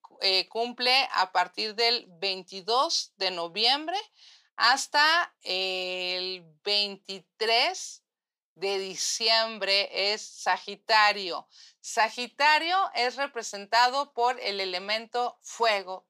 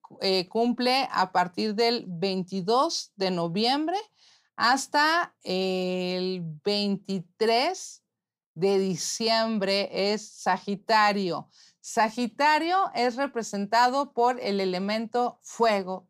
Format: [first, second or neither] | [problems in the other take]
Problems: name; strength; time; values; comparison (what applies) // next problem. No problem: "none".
second | thin; somewhat; fading below 500 Hz